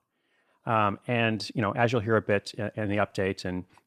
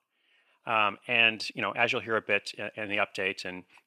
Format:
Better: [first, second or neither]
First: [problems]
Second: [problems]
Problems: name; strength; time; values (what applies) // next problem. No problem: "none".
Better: first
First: none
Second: thin; somewhat; fading below 1 kHz